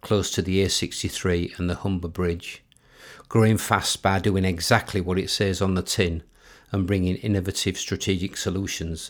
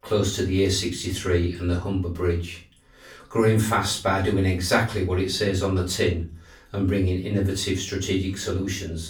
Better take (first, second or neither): first